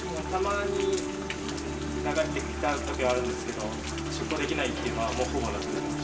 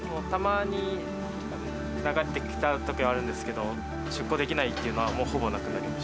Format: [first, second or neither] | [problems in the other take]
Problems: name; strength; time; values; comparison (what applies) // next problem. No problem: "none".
second | background sound (Rain); 11 dB below the speech // room echo; dies away in 1 s